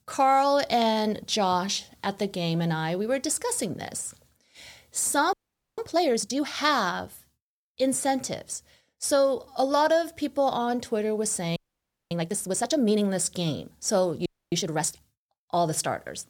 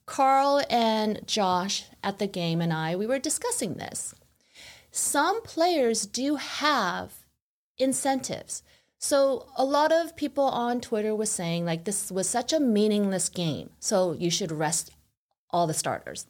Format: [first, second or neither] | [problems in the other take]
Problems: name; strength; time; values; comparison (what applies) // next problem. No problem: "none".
second | audio freezing; at 5.5 s, at 12 s for 0.5 s and at 14 s